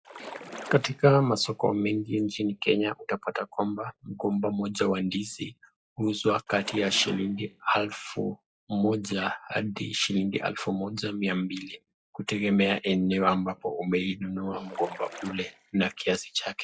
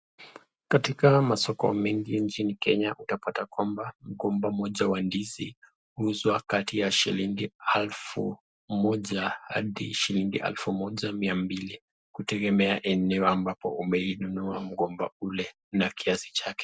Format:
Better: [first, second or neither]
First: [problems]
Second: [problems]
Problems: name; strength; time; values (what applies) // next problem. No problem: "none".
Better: second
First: noise reduction (classical method log-MMSE)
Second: none